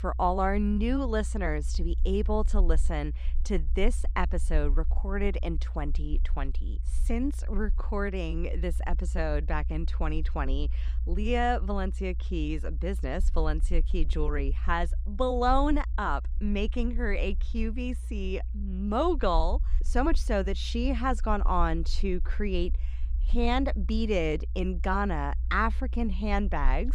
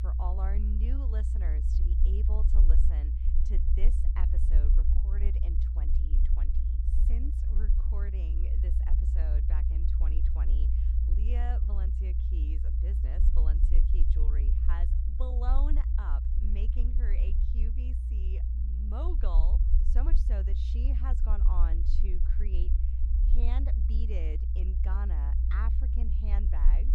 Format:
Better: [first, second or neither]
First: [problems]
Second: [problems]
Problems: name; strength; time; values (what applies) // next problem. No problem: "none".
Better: first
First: low rumble; faint; throughout; 25 dB below the speech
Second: low rumble; loud; throughout; 2 dB below the speech